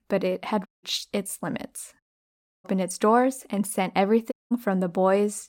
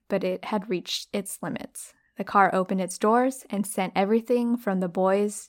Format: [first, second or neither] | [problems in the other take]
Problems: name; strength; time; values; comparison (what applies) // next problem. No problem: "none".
second | audio cutting out; at 0.5 s, at 2 s for 0.5 s and at 4.5 s